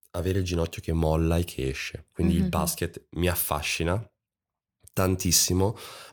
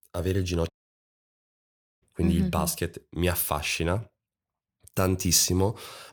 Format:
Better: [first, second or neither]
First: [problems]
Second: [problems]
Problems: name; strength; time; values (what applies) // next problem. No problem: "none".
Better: first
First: none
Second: audio cutting out; at 0.5 s for 1.5 s